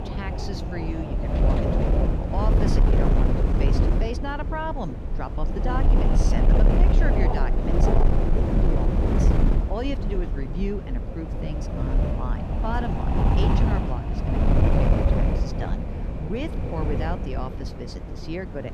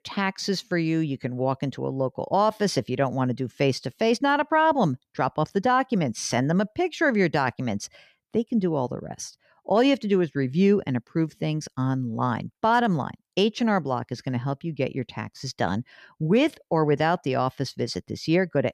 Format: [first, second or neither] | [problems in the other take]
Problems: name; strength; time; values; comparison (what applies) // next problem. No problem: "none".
second | wind noise on the microphone; heavy; 3 dB above the speech